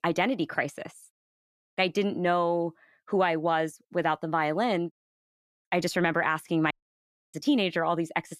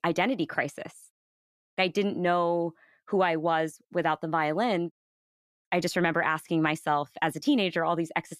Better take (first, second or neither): second